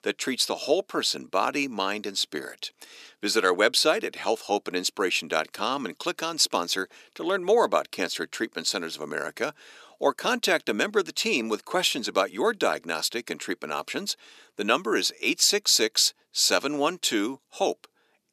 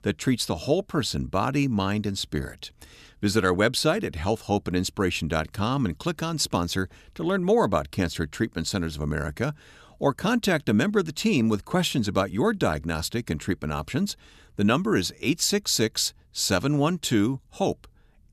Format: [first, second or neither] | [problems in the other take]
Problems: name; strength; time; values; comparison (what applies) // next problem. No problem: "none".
second | thin; somewhat; fading below 350 Hz